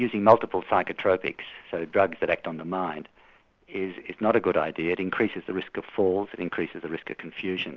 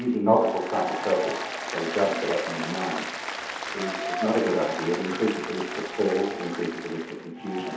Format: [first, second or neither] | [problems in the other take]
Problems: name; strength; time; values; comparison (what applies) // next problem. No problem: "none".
first | background sound (Applause); 6 dB below the speech // room echo; dies away in 0.8 s